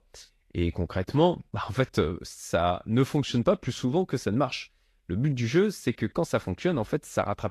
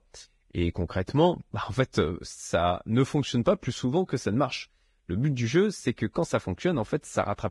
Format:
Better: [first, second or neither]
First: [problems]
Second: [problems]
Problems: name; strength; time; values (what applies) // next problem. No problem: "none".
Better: first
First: garbled, watery; slightly; nothing above 11.5 kHz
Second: garbled, watery; badly; nothing above 10.5 kHz